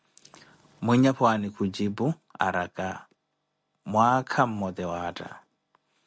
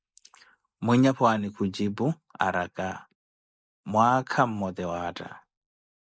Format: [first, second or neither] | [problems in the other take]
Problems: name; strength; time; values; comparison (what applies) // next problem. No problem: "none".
first | noise reduction (neural mask model Resemble Enhance denoiser)